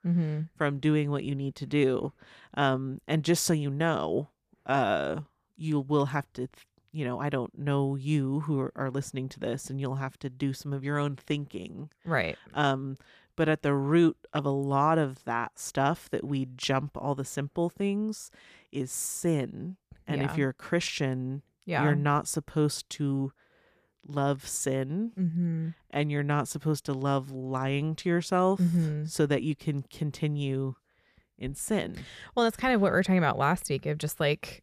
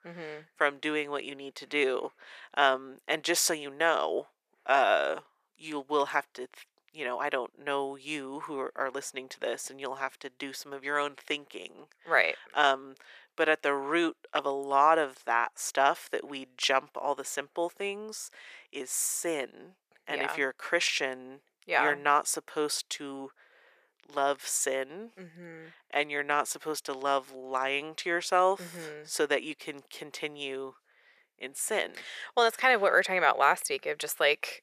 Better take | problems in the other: first | thin; very; fading below 450 Hz

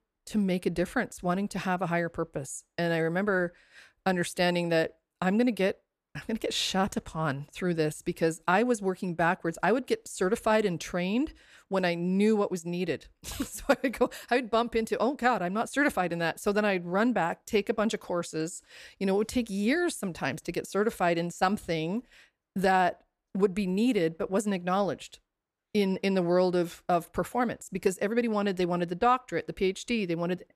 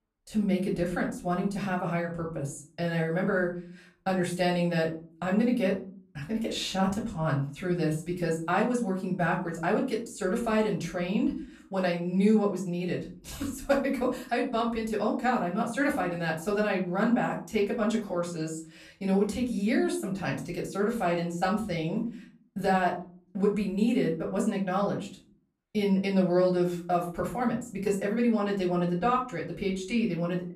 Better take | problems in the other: first | off-mic speech; far // room echo; slight; dies away in 0.4 s

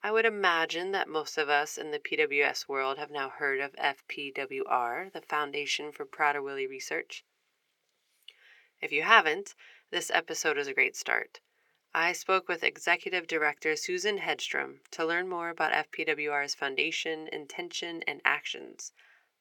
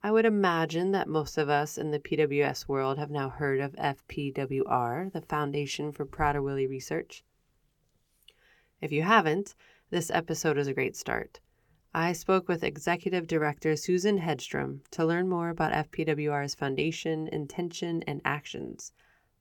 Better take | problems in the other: second | thin; very; fading below 500 Hz

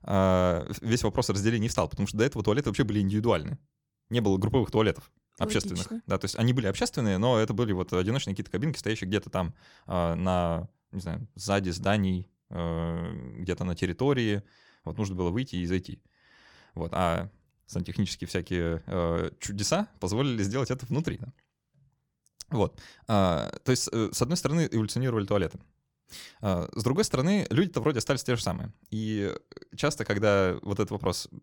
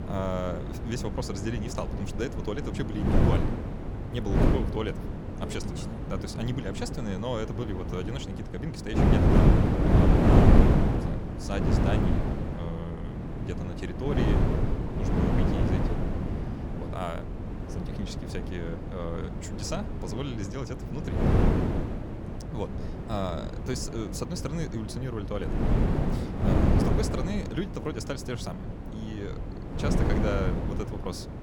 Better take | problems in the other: first | wind noise on the microphone; heavy; 2 dB above the speech

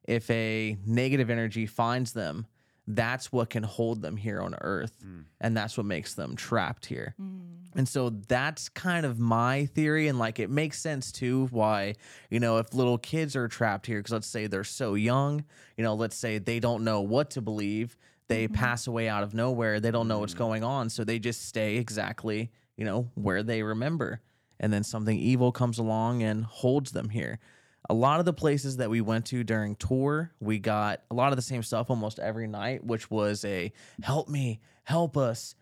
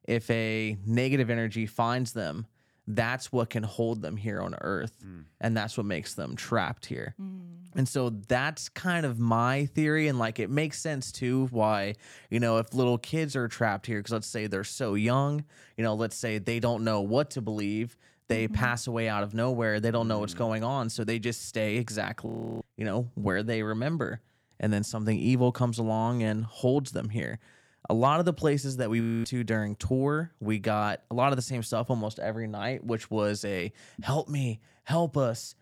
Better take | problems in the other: first | audio freezing; at 22 s and at 29 s

